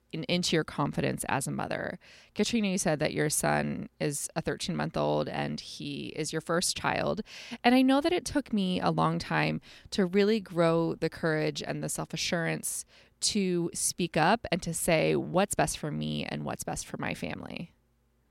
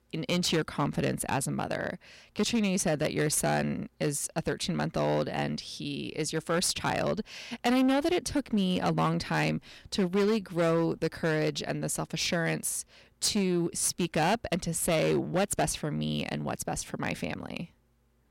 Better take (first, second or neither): first